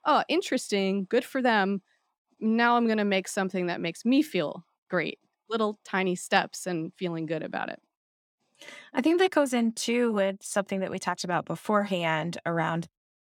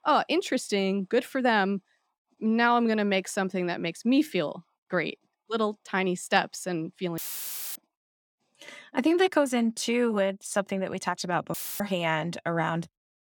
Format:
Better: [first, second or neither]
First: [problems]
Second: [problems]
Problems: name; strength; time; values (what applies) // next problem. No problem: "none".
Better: first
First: none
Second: audio cutting out; filled with static; at 7 s for 0.5 s and at 12 s